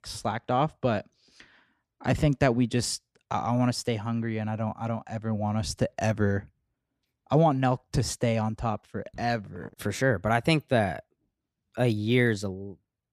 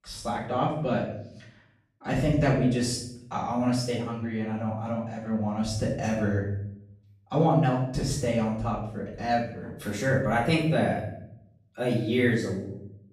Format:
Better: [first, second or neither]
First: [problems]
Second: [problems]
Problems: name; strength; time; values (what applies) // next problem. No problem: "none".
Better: first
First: none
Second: off-mic speech; far // room echo; noticeable; dies away in 0.6 s